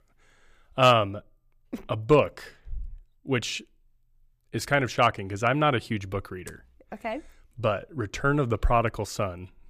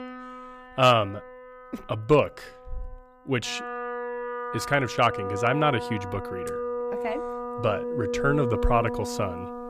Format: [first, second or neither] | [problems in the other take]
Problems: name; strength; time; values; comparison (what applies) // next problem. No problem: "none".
first | background music; loud; throughout; 6 dB below the speech